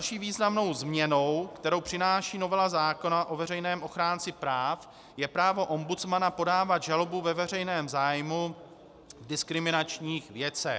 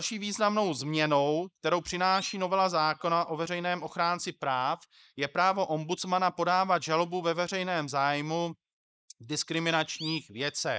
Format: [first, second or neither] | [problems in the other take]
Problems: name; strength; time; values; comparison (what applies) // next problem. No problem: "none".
first | noise reduction (neural mask model Resemble Enhance denoiser)